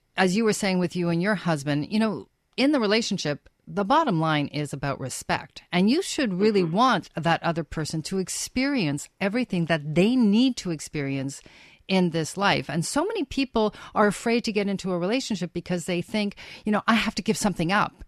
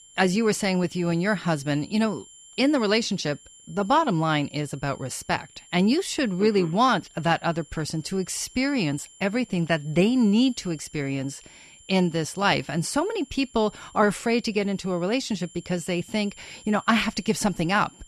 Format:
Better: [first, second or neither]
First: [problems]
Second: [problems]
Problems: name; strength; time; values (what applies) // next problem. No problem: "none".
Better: first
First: none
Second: high-pitched whine; faint; throughout; 7.5 kHz, 25 dB below the speech